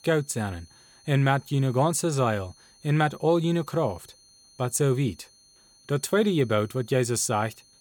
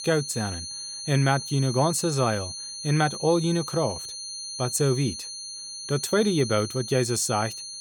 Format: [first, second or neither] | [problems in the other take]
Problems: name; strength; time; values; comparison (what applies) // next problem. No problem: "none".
first | high-pitched whine; loud; throughout; 4.5 kHz, 8 dB below the speech; faint in the first